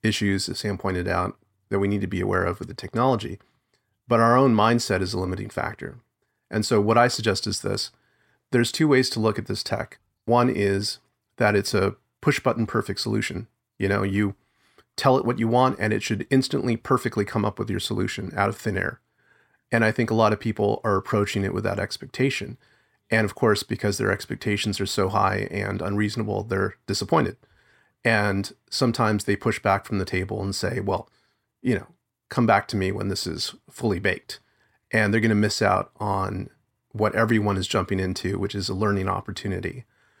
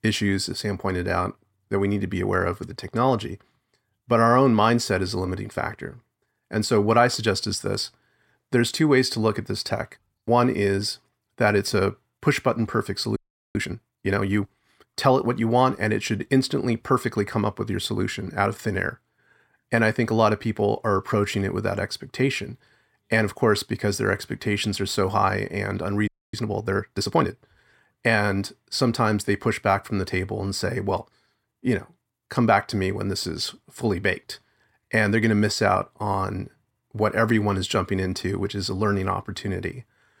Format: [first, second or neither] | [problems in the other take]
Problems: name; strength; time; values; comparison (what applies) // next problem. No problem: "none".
first | audio freezing; at 13 s and at 26 s